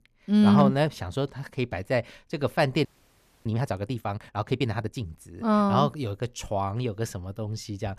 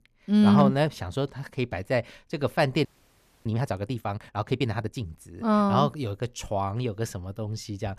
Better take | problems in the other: neither | audio freezing; at 3 s for 0.5 s; the same in both

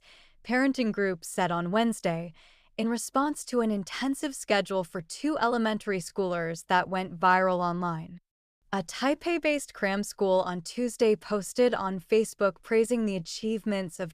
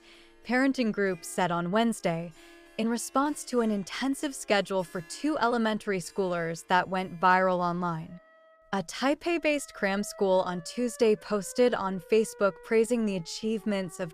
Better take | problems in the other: first | background music; faint; throughout; 25 dB below the speech

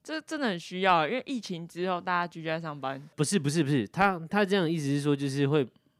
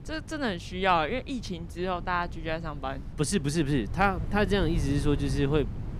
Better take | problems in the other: first | wind noise on the microphone; occasional gusts; 20 dB below the speech

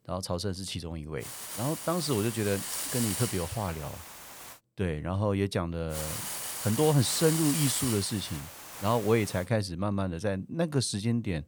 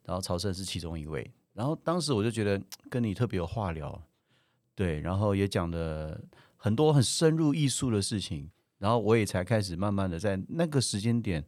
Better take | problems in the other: second | hiss; loud; from 1 to 4.5 s and from 6 to 9.5 s; 4 dB below the speech

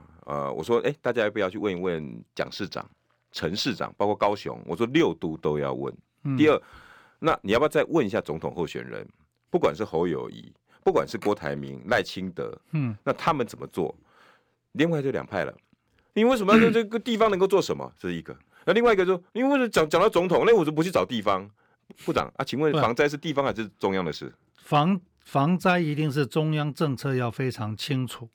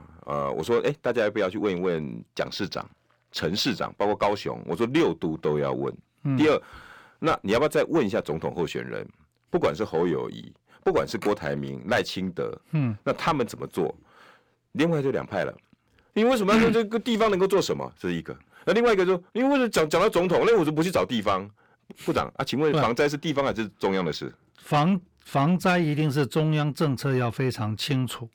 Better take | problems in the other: first | distortion; slight; 10 dB below the speech

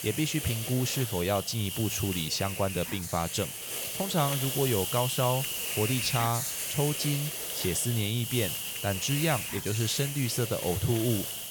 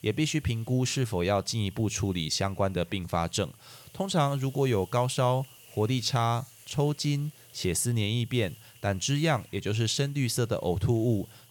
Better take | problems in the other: second | hiss; loud; throughout; 2 dB below the speech; faint in the second

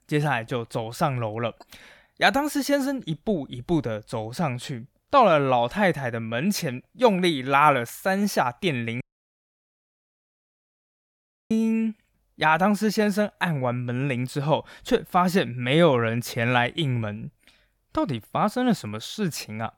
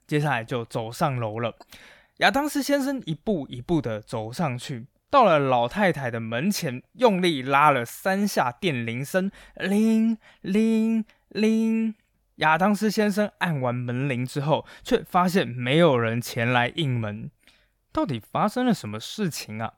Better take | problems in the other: second | audio cutting out; at 9 s for 2.5 s

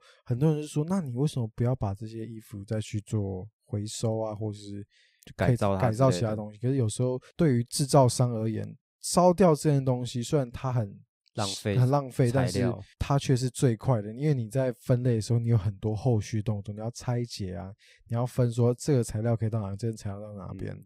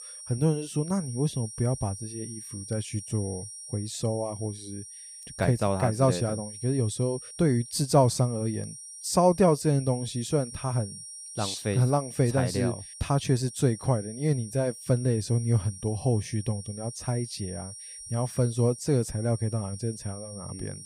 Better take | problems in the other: first | high-pitched whine; noticeable; throughout; 9 kHz, 15 dB below the speech

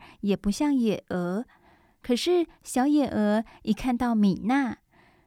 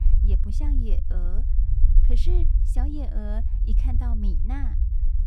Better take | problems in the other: first | low rumble; loud; throughout; 4 dB below the speech

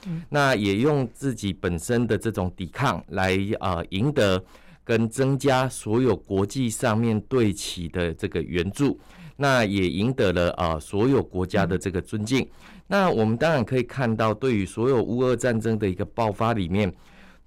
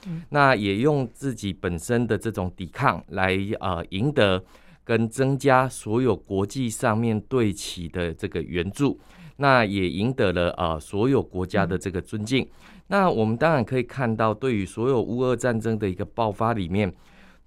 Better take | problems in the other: second | distortion; slight; 4% of the sound clipped

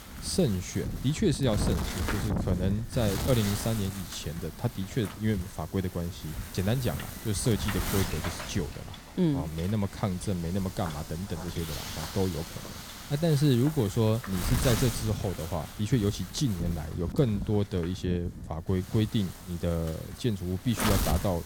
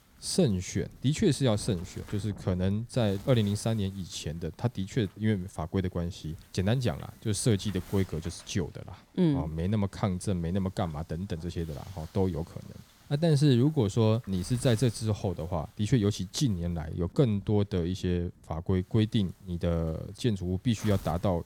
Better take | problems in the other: second | wind noise on the microphone; heavy; 5 dB below the speech; occasional gusts in the second

